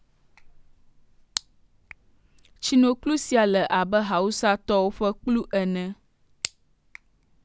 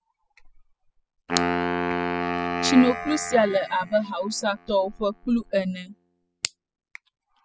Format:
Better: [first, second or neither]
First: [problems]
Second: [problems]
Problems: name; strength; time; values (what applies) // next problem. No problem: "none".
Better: first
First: none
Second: noise reduction (classical method spectral subtraction)